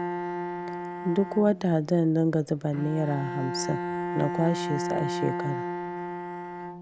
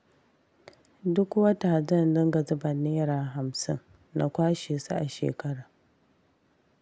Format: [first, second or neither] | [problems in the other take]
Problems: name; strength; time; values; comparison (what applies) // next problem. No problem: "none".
second | background sound (Bowed string instrument); 5 dB below the speech